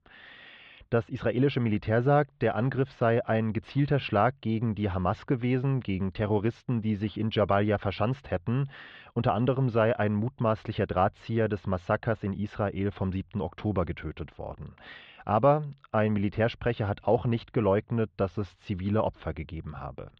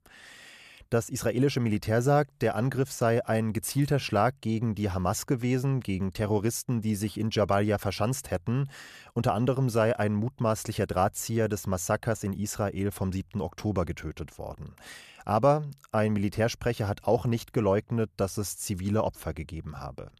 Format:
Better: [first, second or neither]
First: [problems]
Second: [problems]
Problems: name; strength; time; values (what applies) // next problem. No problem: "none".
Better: second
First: muffled; very; fading above 3.5 kHz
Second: none